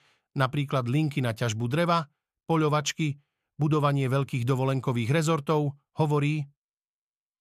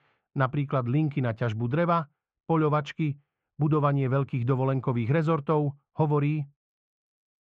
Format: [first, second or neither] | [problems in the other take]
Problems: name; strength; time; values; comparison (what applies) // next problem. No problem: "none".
first | muffled; very; fading above 2 kHz